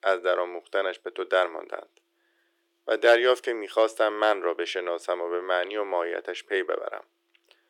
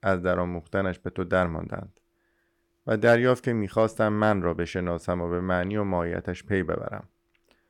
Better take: second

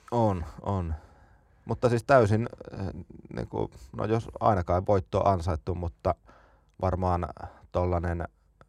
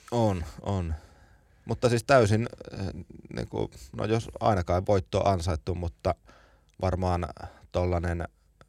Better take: second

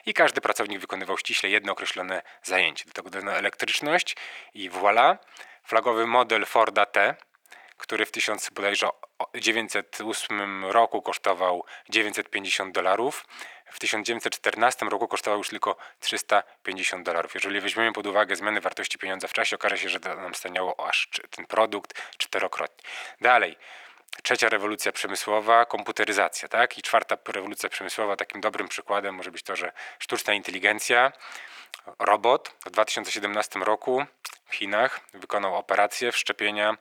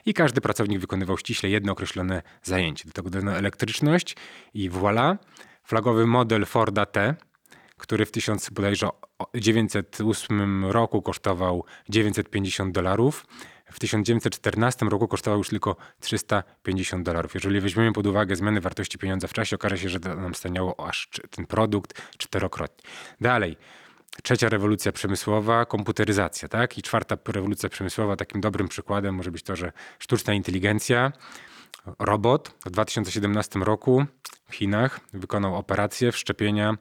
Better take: second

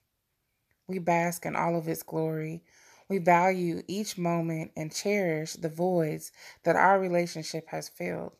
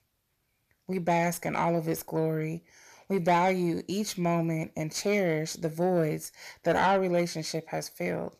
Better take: first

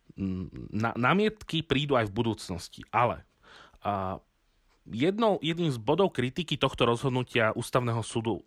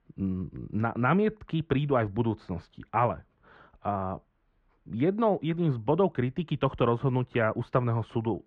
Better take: first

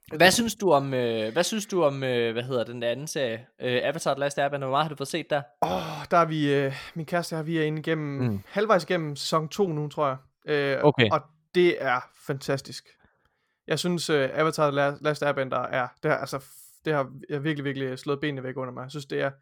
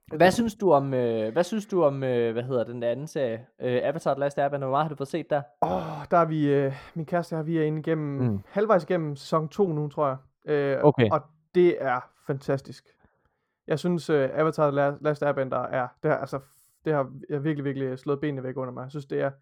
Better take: first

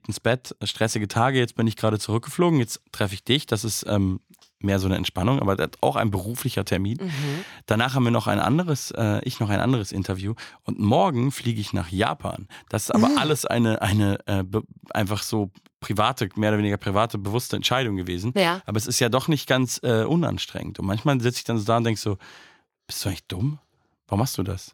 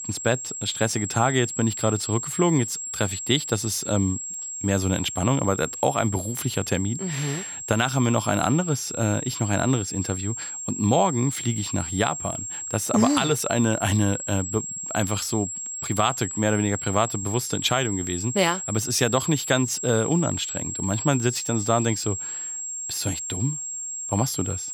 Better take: first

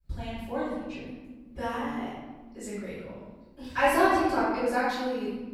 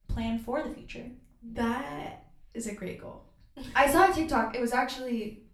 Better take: second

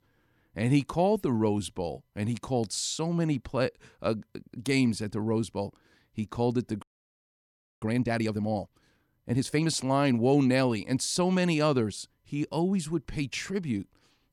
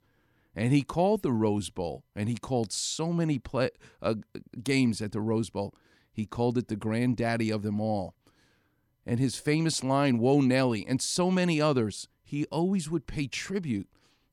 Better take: second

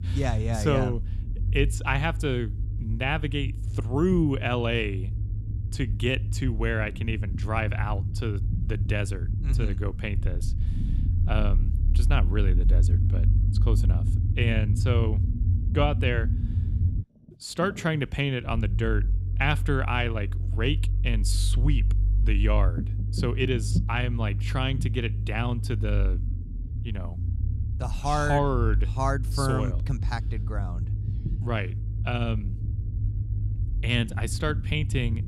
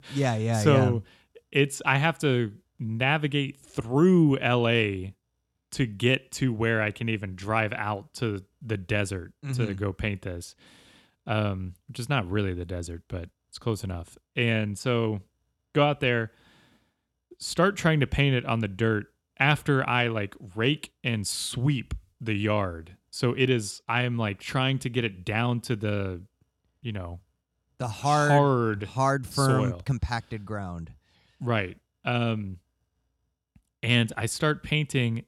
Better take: second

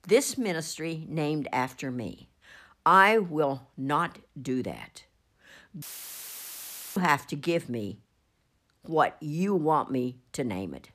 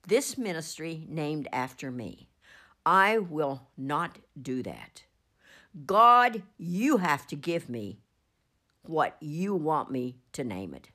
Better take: second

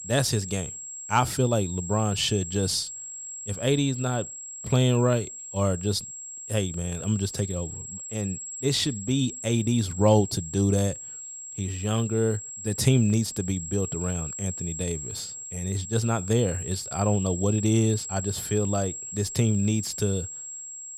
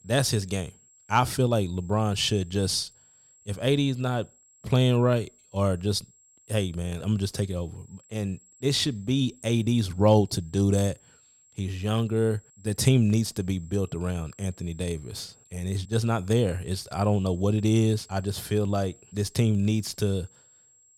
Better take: second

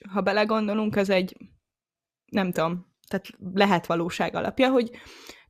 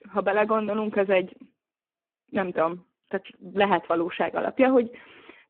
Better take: first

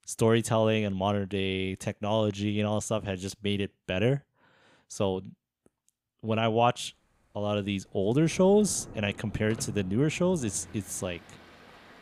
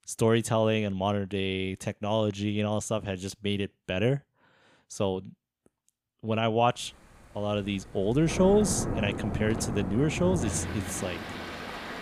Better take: first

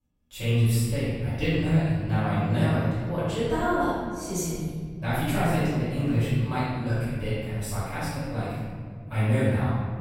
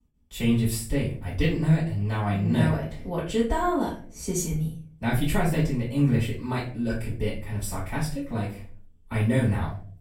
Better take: second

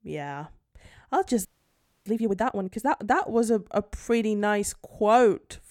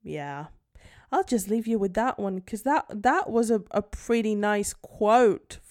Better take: second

